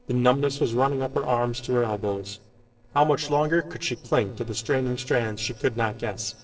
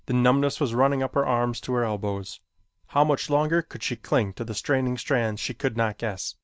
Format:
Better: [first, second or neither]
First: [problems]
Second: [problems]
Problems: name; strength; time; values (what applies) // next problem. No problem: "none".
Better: second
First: noise reduction (neural separator model SepFormer DNS4)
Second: none